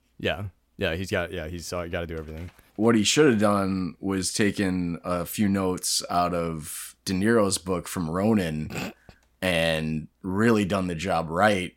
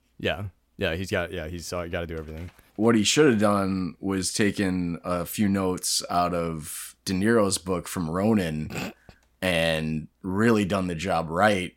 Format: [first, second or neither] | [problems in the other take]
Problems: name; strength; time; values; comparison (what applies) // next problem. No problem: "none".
neither | none